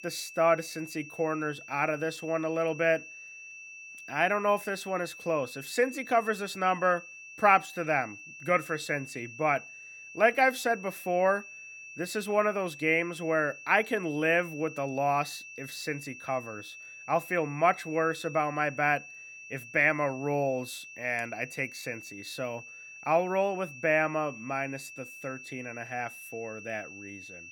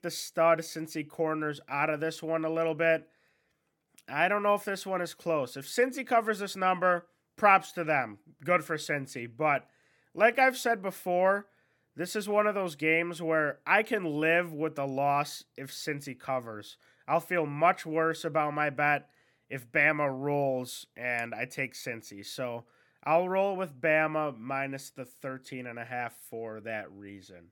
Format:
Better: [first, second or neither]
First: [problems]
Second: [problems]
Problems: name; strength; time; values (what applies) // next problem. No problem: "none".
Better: second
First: high-pitched whine; noticeable; throughout; 2.5 kHz, 15 dB below the speech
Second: none